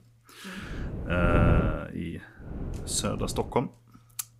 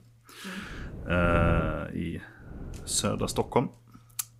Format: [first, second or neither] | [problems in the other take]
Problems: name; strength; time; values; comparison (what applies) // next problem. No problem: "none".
second | wind noise on the microphone; heavy; from 0.5 to 1.5 s and from 2.5 to 3.5 s; 7 dB below the speech; occasional gusts in the second